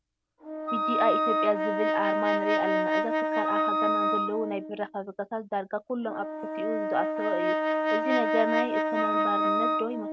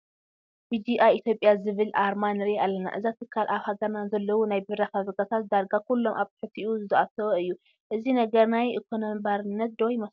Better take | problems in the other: second | background sound (Wind instrument, woodwind instrument + Brass instrument); 5 dB above the speech

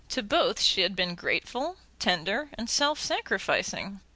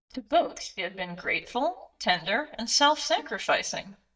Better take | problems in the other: first | noise reduction (neural mask model DeepFilterNet 3)

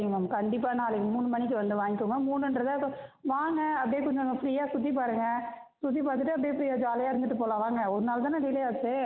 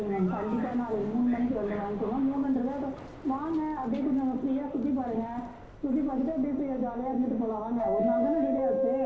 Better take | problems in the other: first | background sound (Subway, metro, underground); 7 dB below the speech // room echo; dies away in 0.5 s

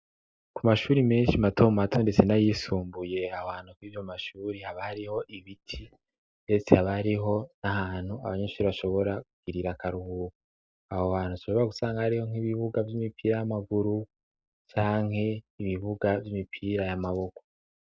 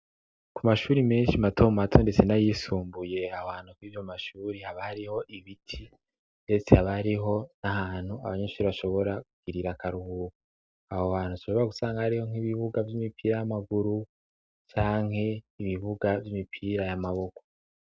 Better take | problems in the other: second | noise reduction (neural mask model Resemble Enhance denoiser)

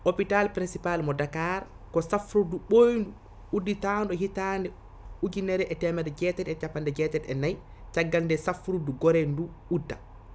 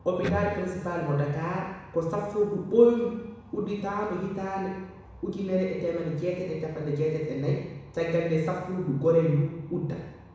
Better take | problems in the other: first | background sound (Electric guitar); 7 dB below the speech // room echo; dies away in 1.1 s

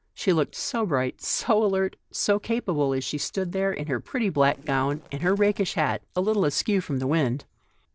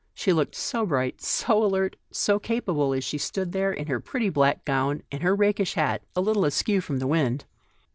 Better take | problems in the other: second | noise reduction (neural separator model SepFormer DNS4)

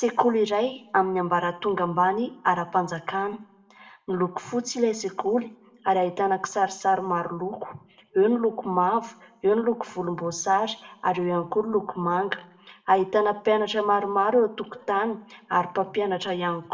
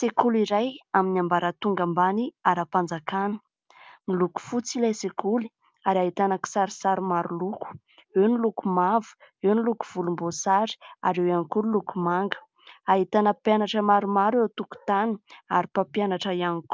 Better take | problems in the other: second | room echo; dies away in 0.4 s

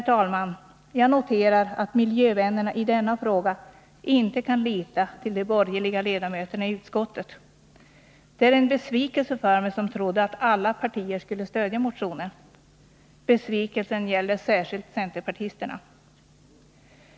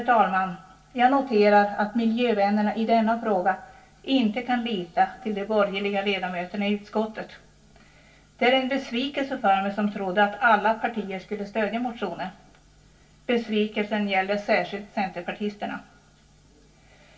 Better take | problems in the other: first | room echo; dies away in 0.2 s

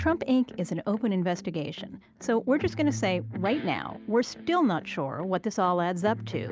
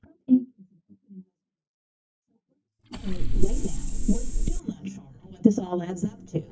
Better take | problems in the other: first | noise reduction (neural mask model DeepFilterNet 3)

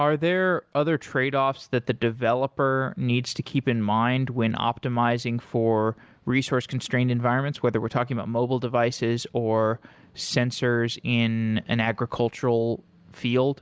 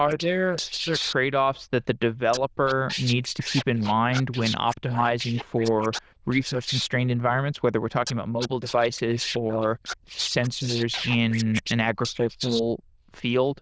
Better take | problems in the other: first | noise reduction (neural diffusion model UNIVERSE++)

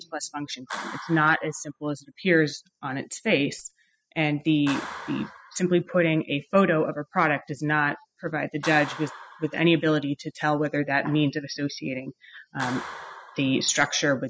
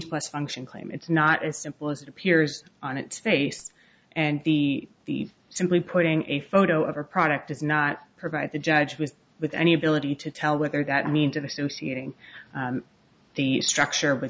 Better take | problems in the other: second | noise reduction (classical method spectral subtraction)

